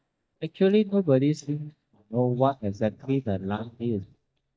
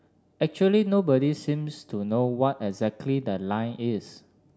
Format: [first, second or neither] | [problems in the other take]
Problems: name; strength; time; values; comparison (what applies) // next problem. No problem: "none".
second | noise reduction (neural mask model DeepFilterNet 3)